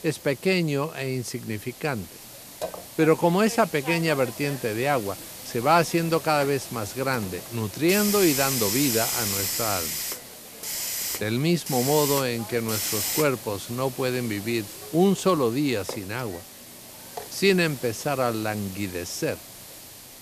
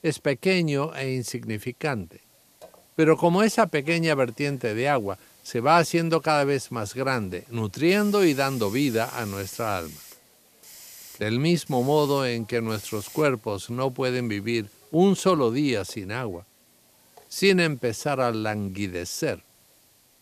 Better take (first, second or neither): second